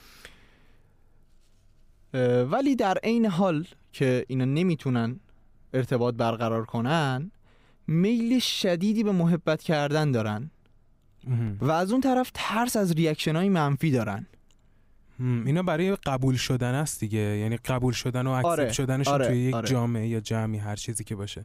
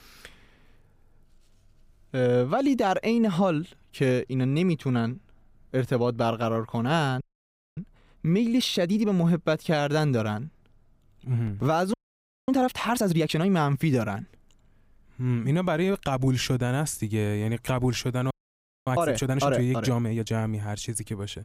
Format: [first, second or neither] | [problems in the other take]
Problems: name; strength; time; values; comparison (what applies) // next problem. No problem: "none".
first | audio freezing; at 7 s for 0.5 s, at 12 s for 0.5 s and at 18 s for 0.5 s